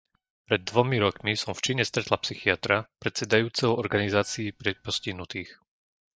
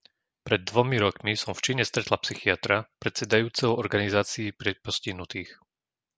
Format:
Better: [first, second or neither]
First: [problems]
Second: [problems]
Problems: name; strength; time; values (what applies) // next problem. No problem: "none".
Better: second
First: noise reduction (neural mask model DeepFilterNet 3)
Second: none